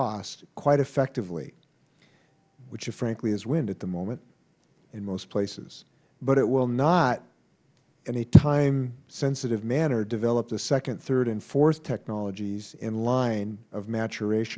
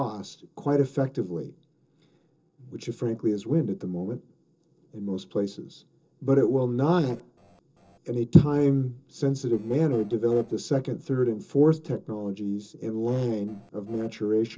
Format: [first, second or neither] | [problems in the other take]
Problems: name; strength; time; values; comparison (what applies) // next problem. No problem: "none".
first | noise reduction (neural separator model SepFormer DNS4)